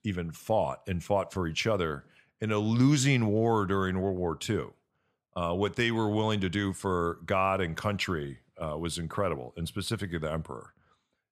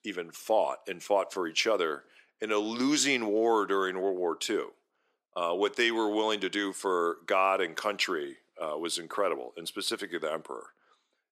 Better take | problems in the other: first | thin; somewhat; fading below 300 Hz

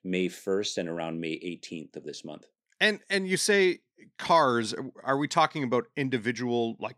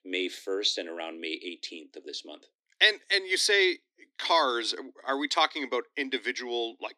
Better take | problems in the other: first | thin; somewhat; fading below 250 Hz

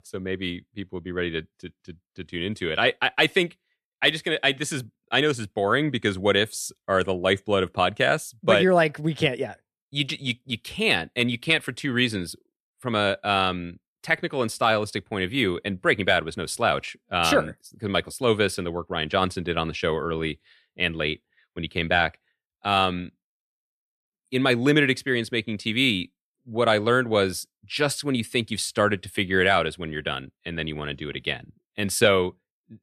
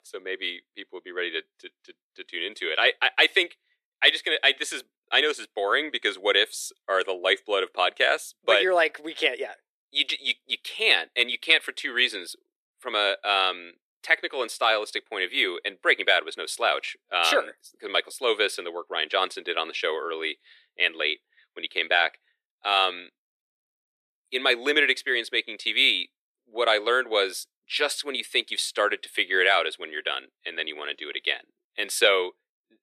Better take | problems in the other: first | thin; very; fading below 350 Hz

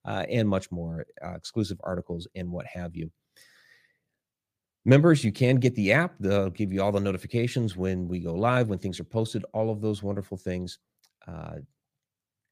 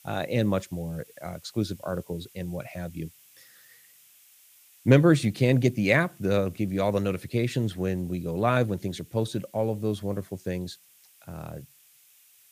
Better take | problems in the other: first | hiss; faint; throughout; 25 dB below the speech

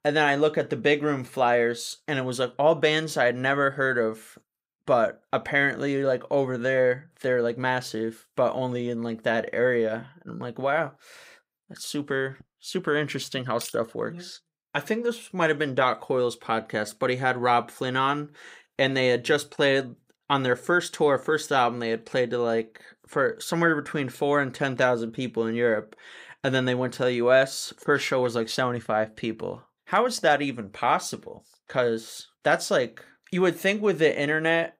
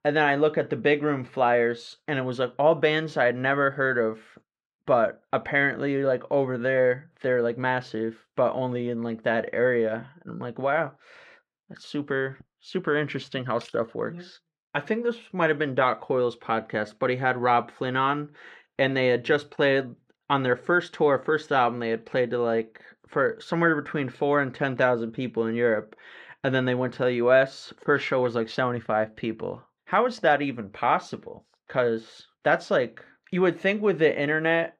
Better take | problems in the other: first | muffled; slightly; fading above 3 kHz

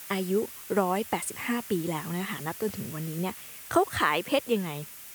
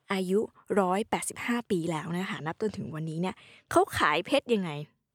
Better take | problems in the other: second | hiss; noticeable; throughout; 10 dB below the speech

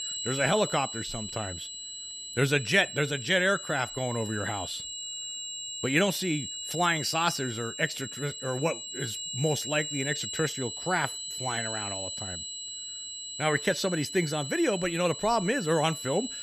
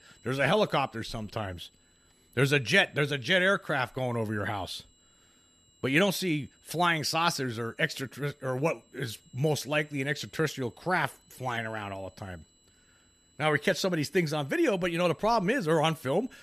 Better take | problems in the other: second | high-pitched whine; loud; throughout; 8 kHz, 6 dB below the speech; faint in the second

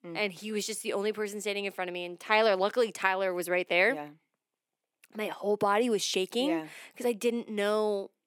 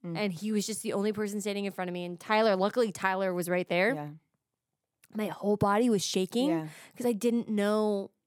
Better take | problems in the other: second | thin; very slightly; fading below 350 Hz

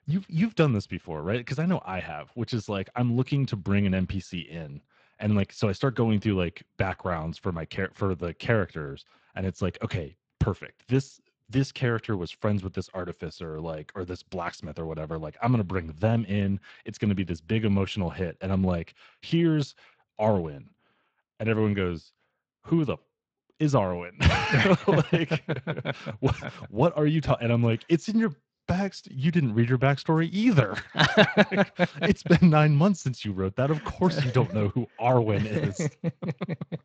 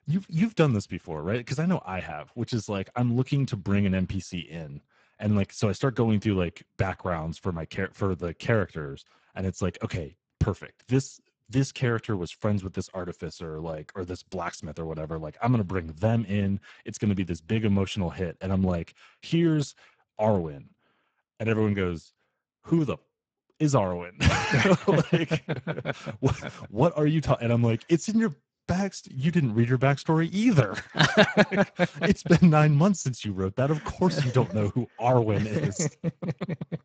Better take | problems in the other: first | garbled, watery; badly; nothing above 7.5 kHz; slightly in the first

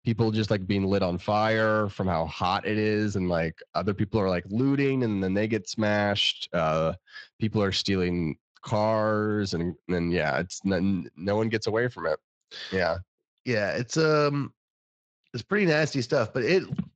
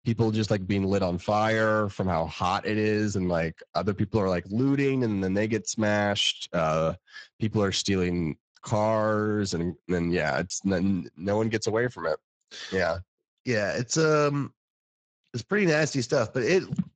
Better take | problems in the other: first | garbled, watery; badly; nothing above 7.5 kHz; slightly in the first

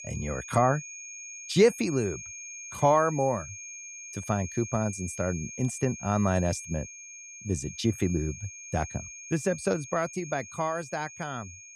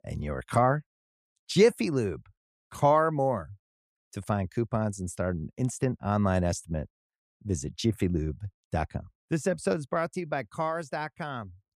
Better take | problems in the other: second | high-pitched whine; noticeable; throughout; 6.5 kHz, 10 dB below the speech

